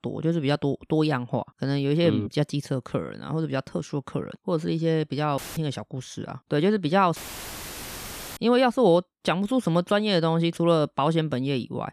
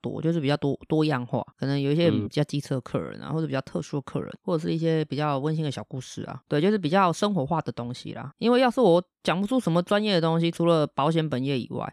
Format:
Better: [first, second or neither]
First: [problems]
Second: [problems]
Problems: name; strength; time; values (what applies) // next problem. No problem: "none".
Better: second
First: audio cutting out; filled with static; at 5.5 s and at 7 s for 1 s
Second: none